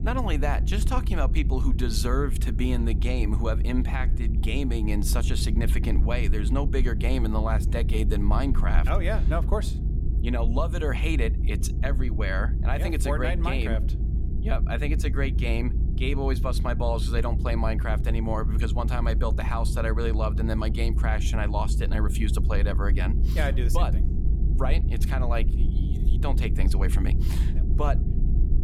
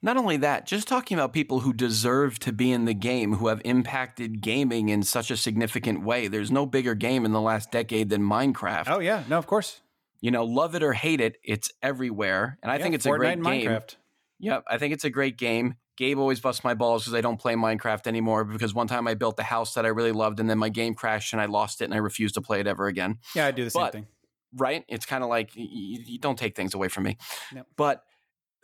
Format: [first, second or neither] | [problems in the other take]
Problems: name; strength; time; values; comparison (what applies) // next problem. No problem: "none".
second | low rumble; noticeable; throughout; 10 dB below the speech